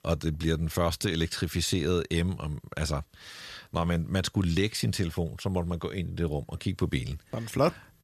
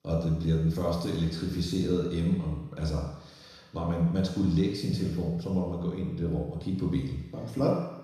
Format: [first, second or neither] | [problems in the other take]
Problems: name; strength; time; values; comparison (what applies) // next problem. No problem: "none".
first | room echo; noticeable; dies away in 1 s // off-mic speech; far